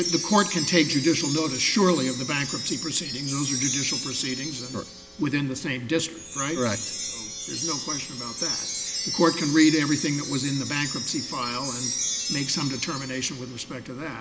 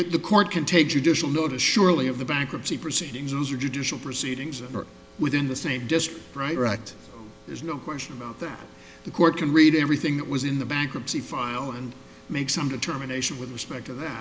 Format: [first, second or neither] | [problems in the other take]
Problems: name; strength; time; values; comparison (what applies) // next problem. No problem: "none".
second | background sound (Wind chime); 6 dB below the speech